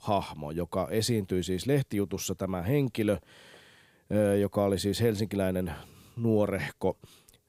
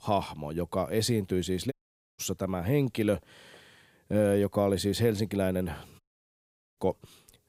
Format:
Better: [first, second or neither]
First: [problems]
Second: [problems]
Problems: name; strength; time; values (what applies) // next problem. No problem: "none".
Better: first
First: none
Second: audio cutting out; at 1.5 s and at 6 s for 1 s